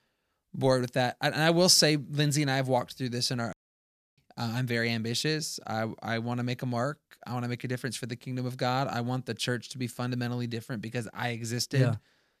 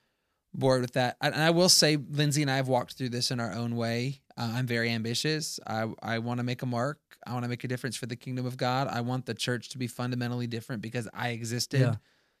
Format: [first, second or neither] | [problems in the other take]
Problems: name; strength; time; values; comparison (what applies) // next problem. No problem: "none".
second | audio cutting out; at 3.5 s for 0.5 s